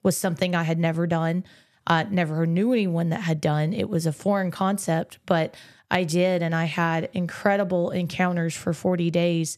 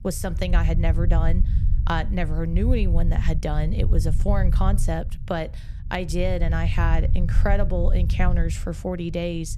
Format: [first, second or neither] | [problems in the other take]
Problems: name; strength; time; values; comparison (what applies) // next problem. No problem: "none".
first | low rumble; noticeable; throughout; 10 dB below the speech